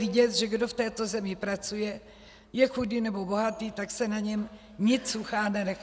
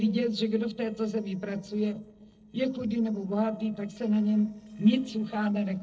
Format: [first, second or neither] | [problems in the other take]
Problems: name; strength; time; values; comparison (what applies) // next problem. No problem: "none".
first | noise reduction (neural separator model SepFormer DNS4)